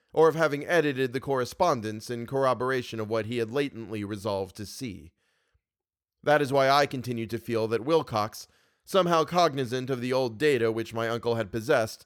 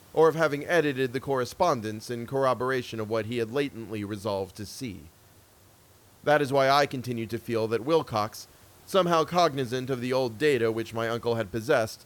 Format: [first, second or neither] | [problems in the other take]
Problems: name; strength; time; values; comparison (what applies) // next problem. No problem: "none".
first | hiss; faint; throughout; 25 dB below the speech